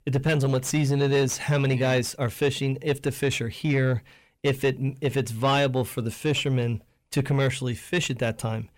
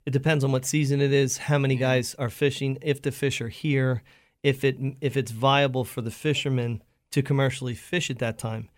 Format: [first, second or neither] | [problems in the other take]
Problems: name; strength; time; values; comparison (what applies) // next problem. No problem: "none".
second | distortion; slight; 10 dB below the speech